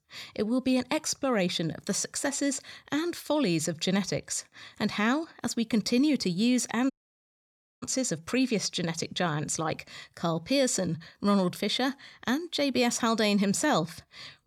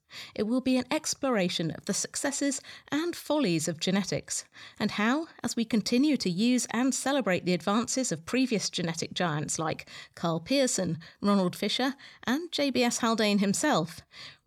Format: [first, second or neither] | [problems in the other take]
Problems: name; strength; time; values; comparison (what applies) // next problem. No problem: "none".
second | audio cutting out; at 7 s for 1 s